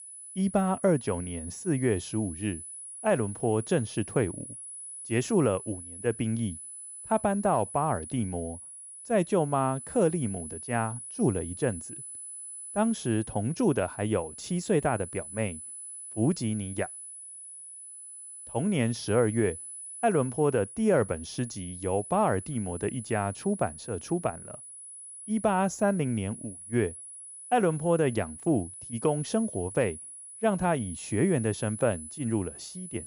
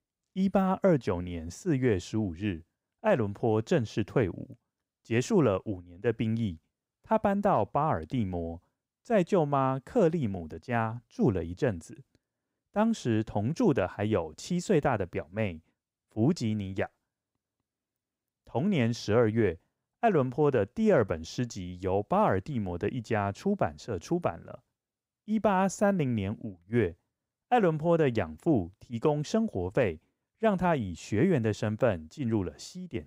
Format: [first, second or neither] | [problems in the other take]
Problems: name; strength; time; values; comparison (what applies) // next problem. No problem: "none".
second | high-pitched whine; noticeable; throughout; 10 kHz, 10 dB below the speech